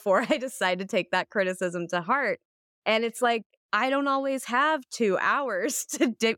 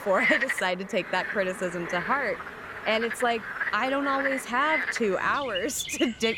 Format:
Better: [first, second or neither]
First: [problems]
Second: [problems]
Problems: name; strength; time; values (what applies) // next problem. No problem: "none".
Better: first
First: none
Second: animal sounds; loud; throughout; 3 dB below the speech